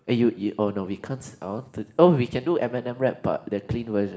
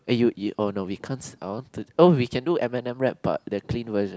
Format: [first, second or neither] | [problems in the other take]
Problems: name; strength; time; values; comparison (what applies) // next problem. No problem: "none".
second | room echo; dies away in 2.5 s